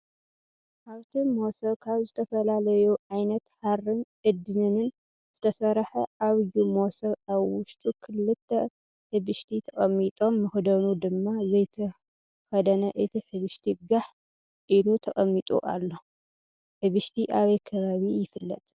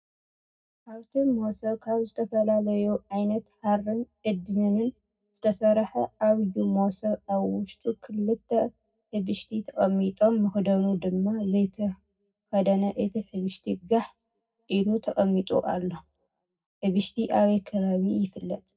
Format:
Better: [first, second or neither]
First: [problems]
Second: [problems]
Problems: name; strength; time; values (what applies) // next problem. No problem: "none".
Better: first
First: none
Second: room echo; dies away in 0.3 s